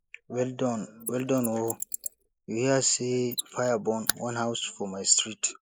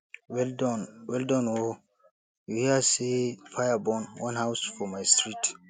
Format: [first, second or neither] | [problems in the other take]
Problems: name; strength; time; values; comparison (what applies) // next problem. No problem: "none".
second | noise reduction (neural mask model Resemble Enhance denoiser)